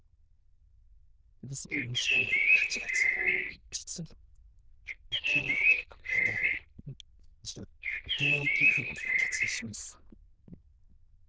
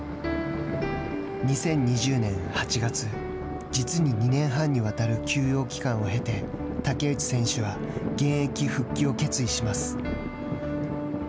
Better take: second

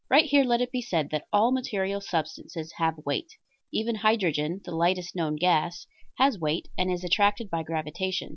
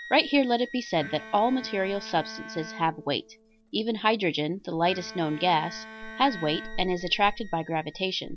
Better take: first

